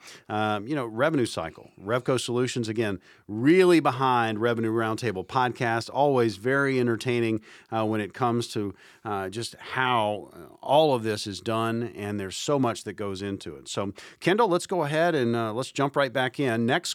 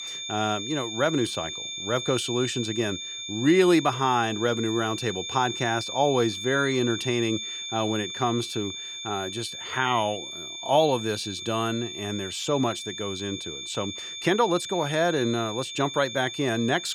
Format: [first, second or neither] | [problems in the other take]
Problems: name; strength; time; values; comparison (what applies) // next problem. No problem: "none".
first | high-pitched whine; loud; throughout; 3.5 kHz, 7 dB below the speech